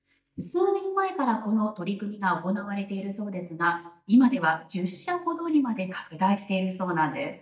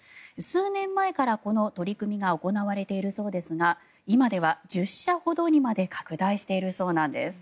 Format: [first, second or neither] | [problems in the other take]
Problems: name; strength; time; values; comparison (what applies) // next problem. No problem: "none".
second | noise reduction (neural mask model DeepFilterNet 3)